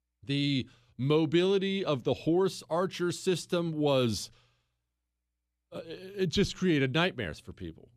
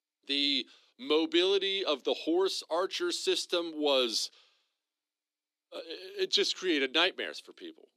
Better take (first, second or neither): first